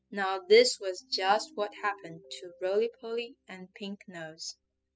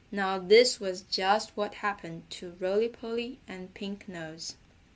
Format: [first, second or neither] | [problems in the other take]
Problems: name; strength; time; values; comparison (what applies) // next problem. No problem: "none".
second | noise reduction (classical method spectral subtraction)